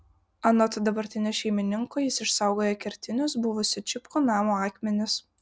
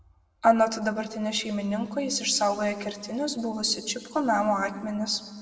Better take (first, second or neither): first